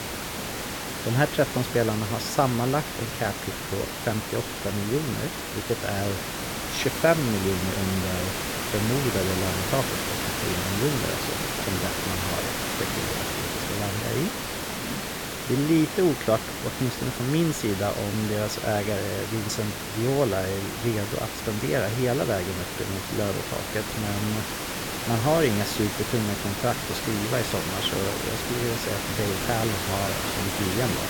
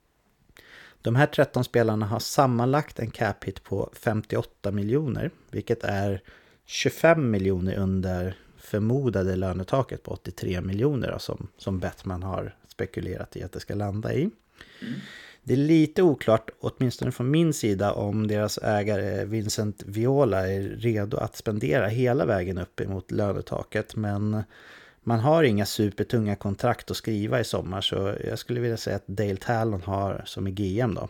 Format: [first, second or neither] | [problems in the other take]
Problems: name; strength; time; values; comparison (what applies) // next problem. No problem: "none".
second | hiss; loud; throughout; 2 dB below the speech